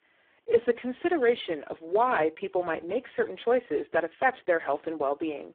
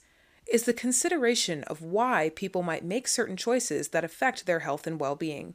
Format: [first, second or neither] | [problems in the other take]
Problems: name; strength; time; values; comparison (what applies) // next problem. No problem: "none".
second | phone-call audio; poor line